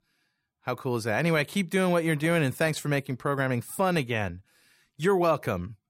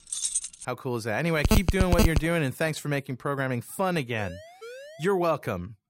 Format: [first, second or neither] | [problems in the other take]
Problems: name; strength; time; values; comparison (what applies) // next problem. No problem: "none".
first | jangling keys; loud; at the start; peak 1 dB above the speech // phone ringing; loud; at 1.5 s; peak 4 dB above the speech // siren; faint; at 4 s; peak 15 dB below the speech